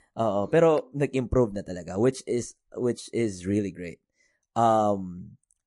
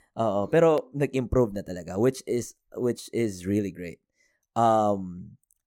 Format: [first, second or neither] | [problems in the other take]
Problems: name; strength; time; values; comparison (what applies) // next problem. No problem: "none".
second | garbled, watery; slightly; nothing above 11 kHz